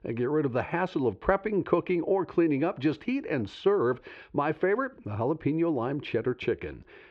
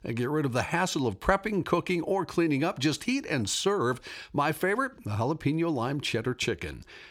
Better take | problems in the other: second | muffled; very; fading above 2.5 kHz

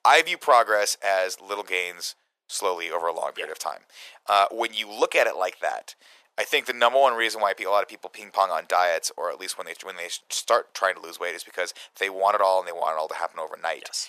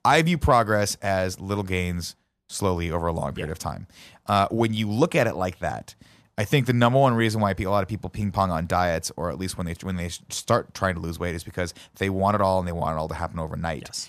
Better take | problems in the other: second | thin; very; fading below 450 Hz

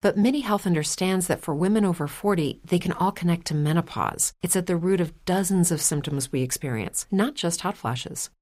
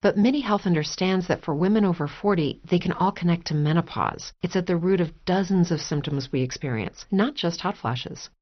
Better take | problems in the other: first | garbled, watery; slightly; nothing above 6 kHz

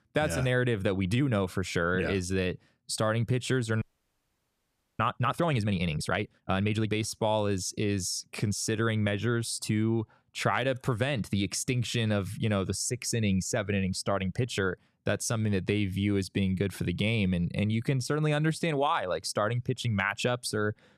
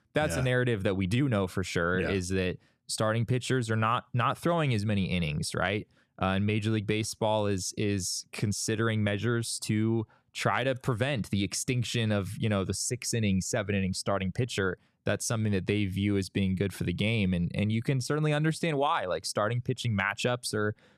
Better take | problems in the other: second | audio freezing; at 4 s for 1 s

